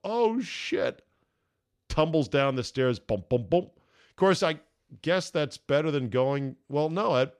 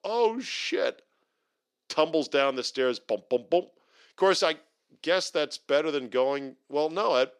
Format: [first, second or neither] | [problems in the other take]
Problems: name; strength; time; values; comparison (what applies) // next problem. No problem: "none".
first | thin; somewhat; fading below 300 Hz